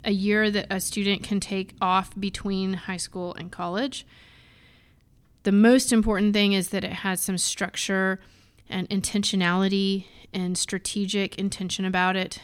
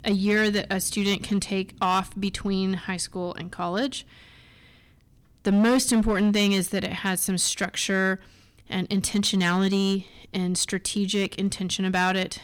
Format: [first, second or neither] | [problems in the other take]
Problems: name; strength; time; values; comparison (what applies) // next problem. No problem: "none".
first | distortion; slight; 5% of the sound clipped